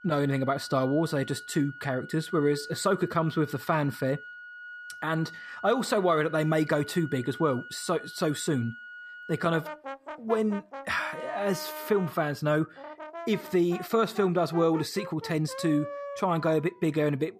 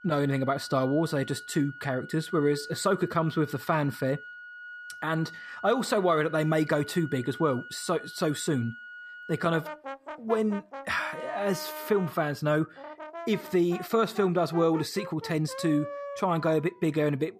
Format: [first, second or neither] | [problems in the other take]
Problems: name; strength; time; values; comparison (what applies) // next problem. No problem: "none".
neither | background music; noticeable; throughout; 15 dB below the speech; the same in both